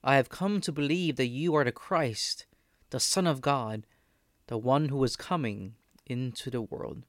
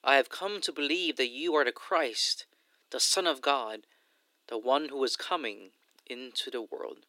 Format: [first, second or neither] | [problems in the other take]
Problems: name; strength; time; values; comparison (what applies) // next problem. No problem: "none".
first | thin; somewhat; fading below 300 Hz